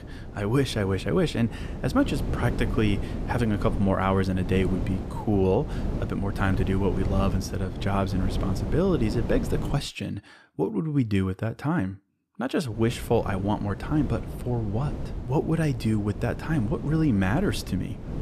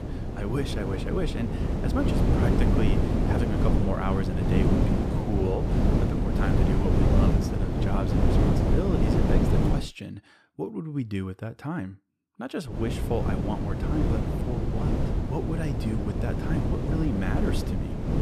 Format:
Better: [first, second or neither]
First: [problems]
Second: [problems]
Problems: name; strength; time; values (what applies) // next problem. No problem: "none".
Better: first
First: wind noise on the microphone; occasional gusts; until 10 s and from 13 s on; 10 dB below the speech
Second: wind noise on the microphone; heavy; until 10 s and from 13 s on; 2 dB above the speech